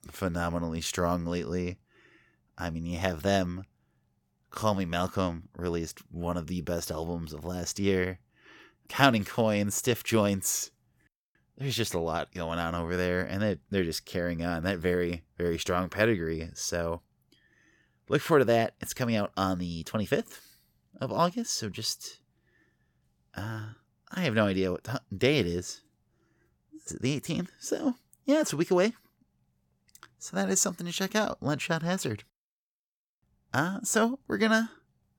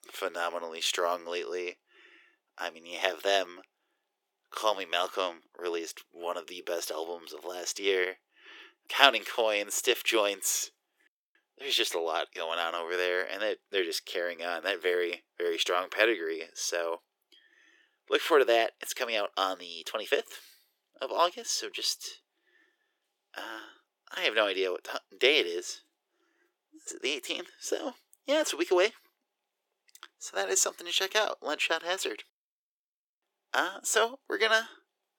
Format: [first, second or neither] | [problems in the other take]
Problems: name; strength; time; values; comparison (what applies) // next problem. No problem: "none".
first | thin; very; fading below 350 Hz